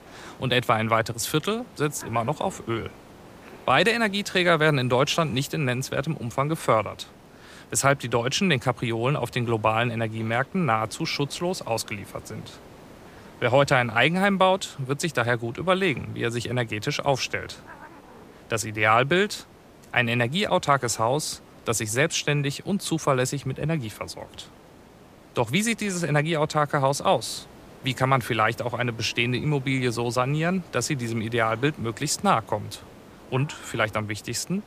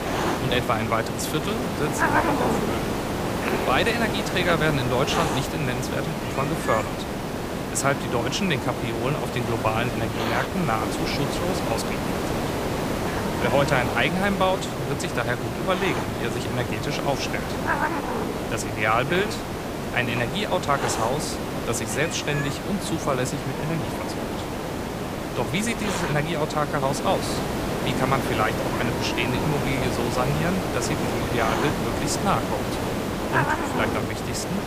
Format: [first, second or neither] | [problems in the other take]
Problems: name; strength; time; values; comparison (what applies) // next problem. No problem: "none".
first | hiss; loud; throughout; as loud as the speech; faint in the first